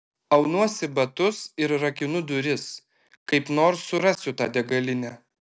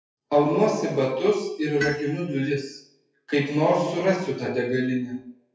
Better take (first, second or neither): first